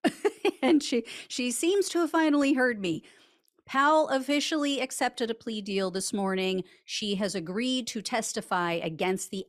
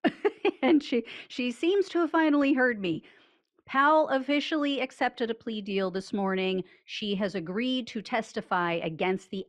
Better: first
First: none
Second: muffled; slightly; fading above 2.5 kHz

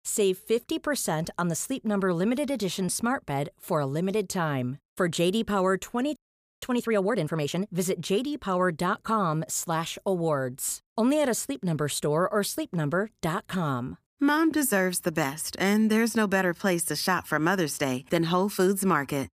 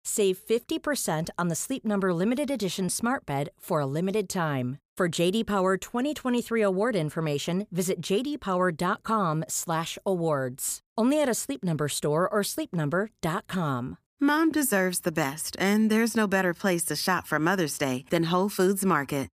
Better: second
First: audio freezing; at 6 s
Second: none

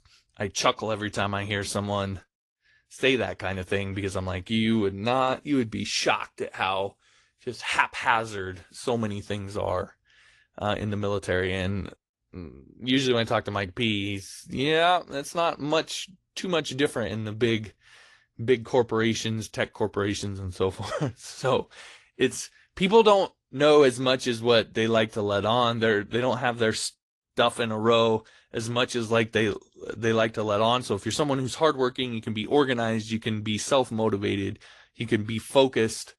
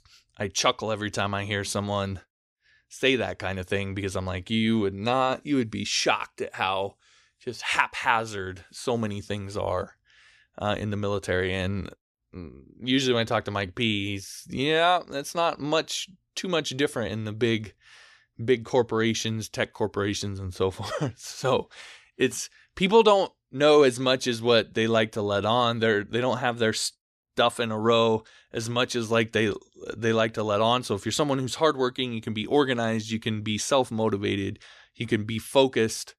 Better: second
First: garbled, watery; slightly; nothing above 11.5 kHz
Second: none

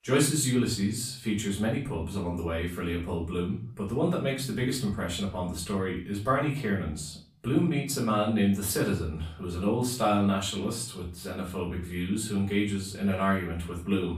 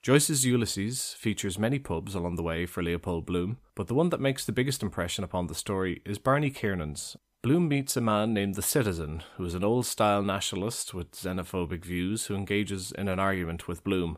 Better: second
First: off-mic speech; far // room echo; slight; dies away in 0.4 s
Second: none

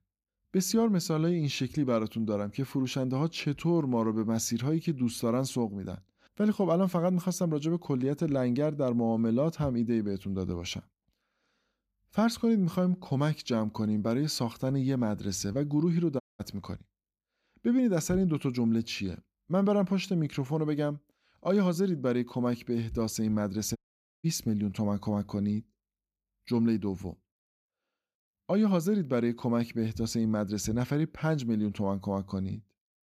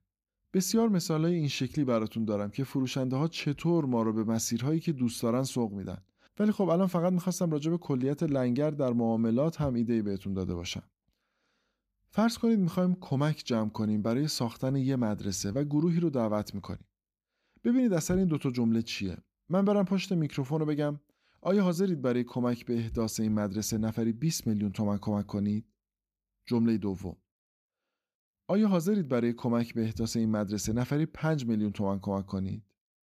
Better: second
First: audio cutting out; at 16 s and at 24 s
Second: none

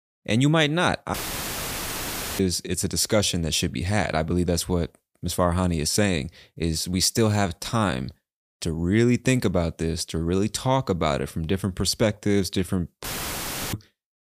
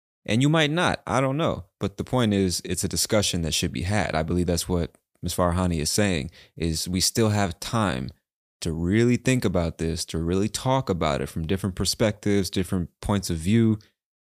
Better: second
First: audio cutting out; filled with static; at 1 s for 1.5 s and at 13 s for 0.5 s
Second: none

